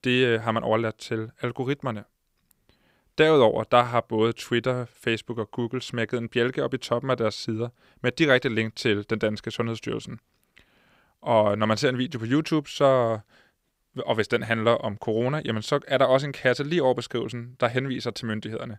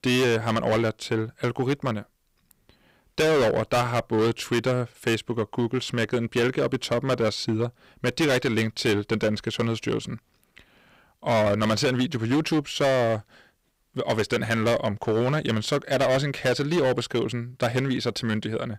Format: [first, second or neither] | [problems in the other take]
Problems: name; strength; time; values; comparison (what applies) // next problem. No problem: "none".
first | distortion; heavy; 13% of the sound clipped